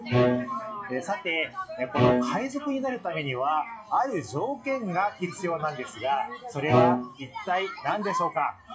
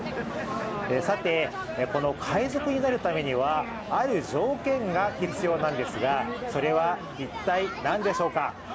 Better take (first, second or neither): second